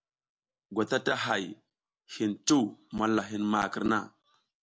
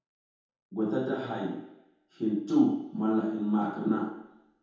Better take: first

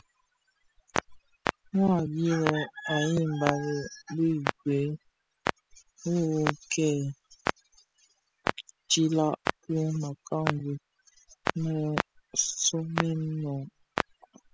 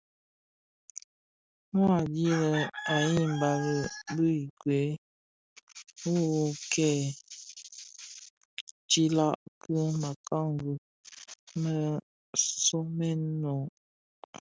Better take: second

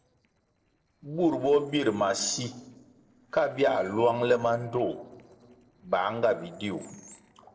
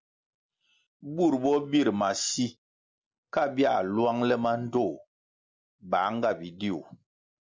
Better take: second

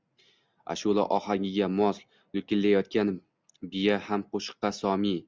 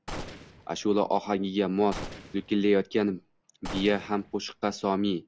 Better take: first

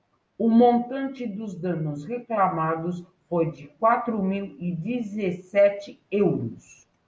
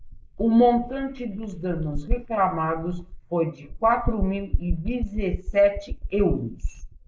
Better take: first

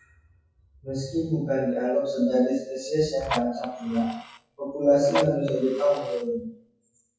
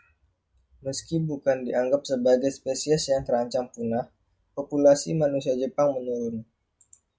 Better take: second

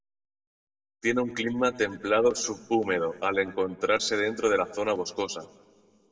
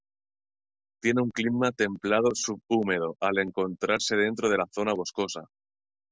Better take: second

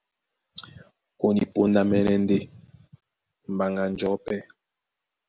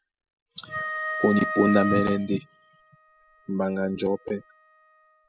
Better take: first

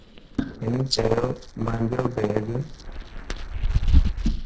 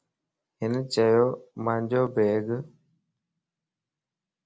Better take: second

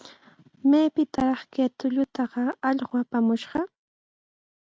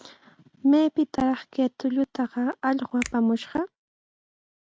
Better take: first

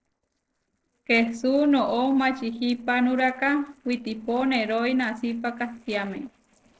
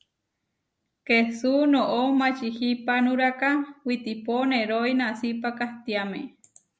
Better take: second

